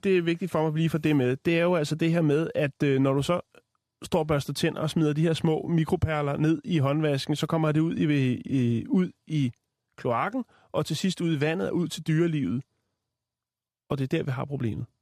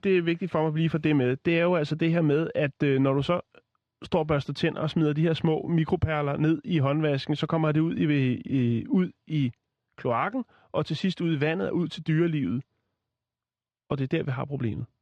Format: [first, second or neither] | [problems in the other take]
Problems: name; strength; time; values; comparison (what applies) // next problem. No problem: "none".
first | muffled; very slightly; fading above 3 kHz